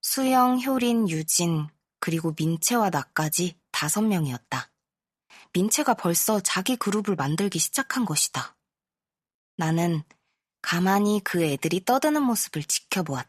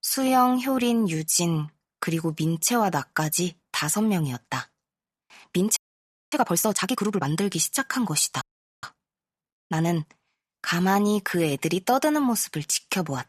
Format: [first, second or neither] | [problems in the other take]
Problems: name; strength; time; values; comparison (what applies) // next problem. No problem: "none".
first | audio freezing; at 6 s for 0.5 s and at 8.5 s